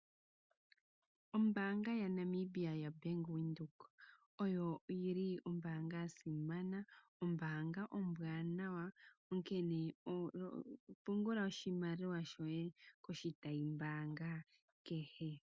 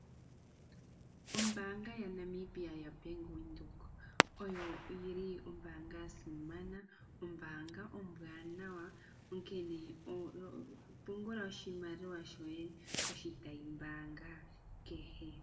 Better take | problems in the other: first | background sound (Fireworks); as loud as the speech // room echo; dies away in 0.6 s

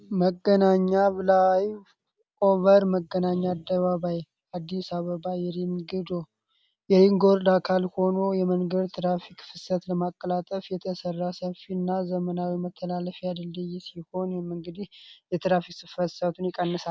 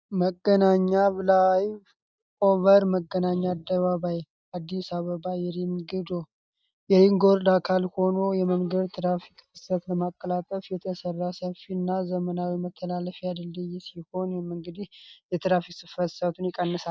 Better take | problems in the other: first | noise reduction (neural mask model DeepFilterNet 3)

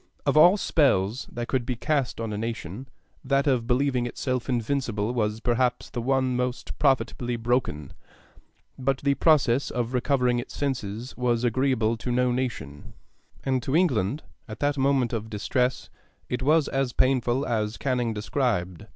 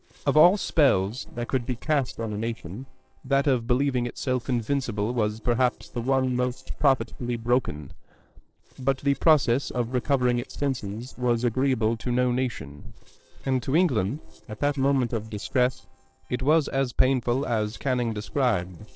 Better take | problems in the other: first | noise reduction (neural separator model SepFormer DNS4)

